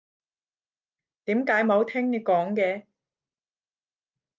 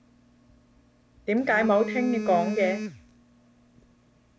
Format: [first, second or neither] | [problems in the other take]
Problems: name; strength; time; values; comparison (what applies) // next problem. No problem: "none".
first | background sound (Telephone); 8 dB below the speech